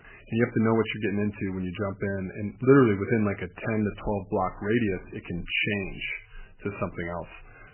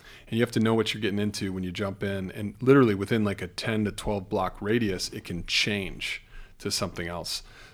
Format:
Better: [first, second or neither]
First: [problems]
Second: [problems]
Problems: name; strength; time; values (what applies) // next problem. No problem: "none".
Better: second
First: garbled, watery; badly; nothing above 3 kHz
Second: none